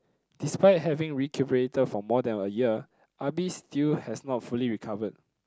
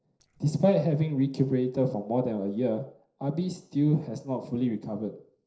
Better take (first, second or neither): first